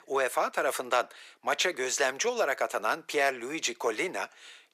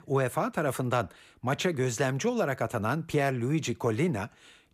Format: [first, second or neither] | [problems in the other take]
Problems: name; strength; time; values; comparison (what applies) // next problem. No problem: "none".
second | thin; very; fading below 450 Hz